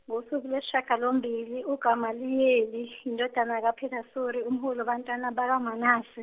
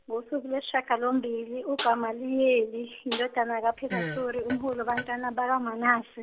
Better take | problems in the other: first | background sound (Fart + Snare drum); 10 dB below the speech

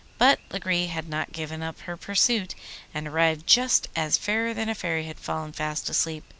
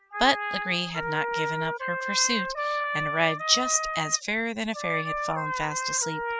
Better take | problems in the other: first | noise reduction (classical method spectral subtraction)

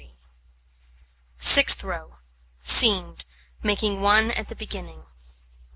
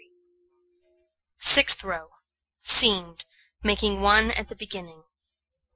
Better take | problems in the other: first | noise reduction (classical method Wiener filter)

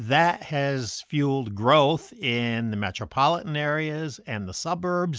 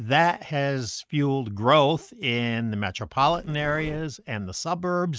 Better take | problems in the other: first | noise reduction (neural mask model RNNoise)

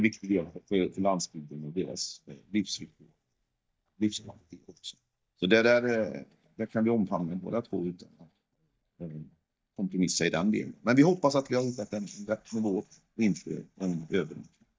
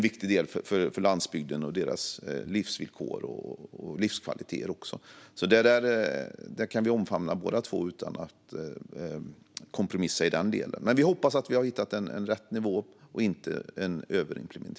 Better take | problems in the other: second | noise reduction (neural mask model DeepFilterNet 3)

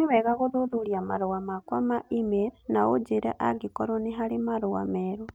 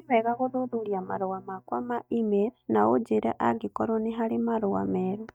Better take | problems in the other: first | noise reduction (neural mask model DeepFilterNet 3)

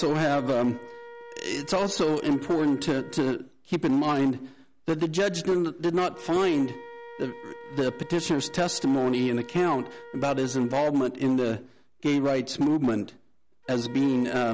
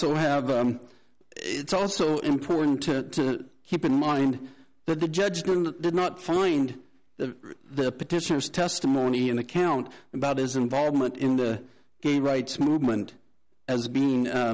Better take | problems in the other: second | background sound (Wind instrument, woodwind instrument); 19 dB below the speech

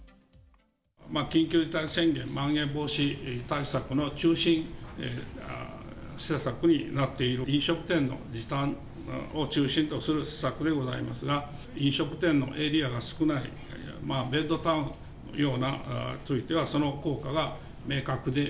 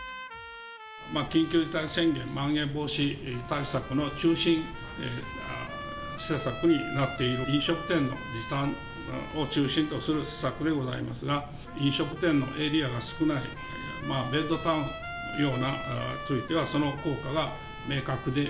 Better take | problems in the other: first | background sound (Trumpet); 12 dB below the speech

